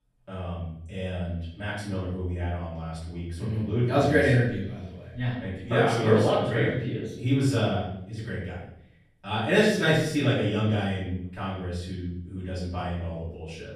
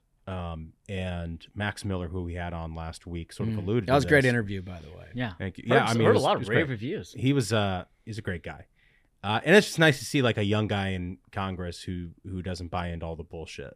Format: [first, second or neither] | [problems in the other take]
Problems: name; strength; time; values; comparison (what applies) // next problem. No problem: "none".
second | off-mic speech; far // room echo; noticeable; dies away in 0.7 s